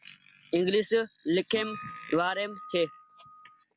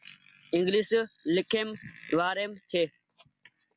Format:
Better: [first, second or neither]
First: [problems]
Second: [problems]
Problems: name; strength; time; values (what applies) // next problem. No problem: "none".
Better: second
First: background sound (Acoustic guitar); 15 dB below the speech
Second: none